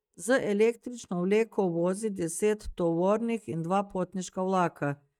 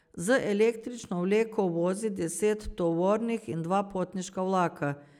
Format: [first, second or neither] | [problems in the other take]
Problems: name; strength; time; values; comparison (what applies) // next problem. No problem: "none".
second | noise reduction (neural mask model DeepFilterNet 3)